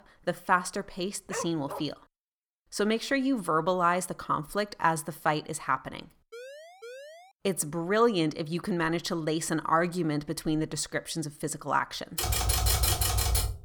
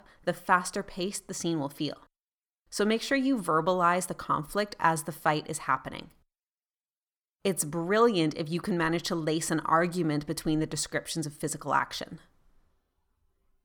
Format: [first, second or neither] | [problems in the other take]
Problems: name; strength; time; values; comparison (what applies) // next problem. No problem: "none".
second | dog barking; noticeable; at 1.5 s; peak 8 dB below the speech // siren; faint; at 6.5 s; peak 15 dB below the speech // keyboard typing; loud; from 12 s on; peak 5 dB above the speech